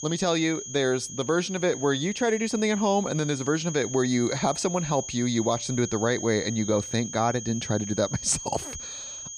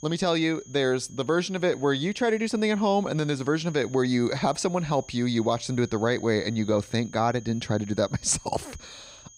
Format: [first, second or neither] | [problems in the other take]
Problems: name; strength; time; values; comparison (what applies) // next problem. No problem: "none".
second | high-pitched whine; loud; throughout; 6.5 kHz, 9 dB below the speech; faint in the second